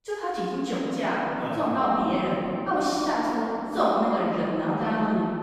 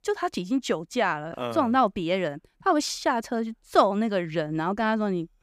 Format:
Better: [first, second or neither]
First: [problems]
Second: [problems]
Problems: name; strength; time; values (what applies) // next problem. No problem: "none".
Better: second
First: off-mic speech; far // room echo; strong; dies away in 3 s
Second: none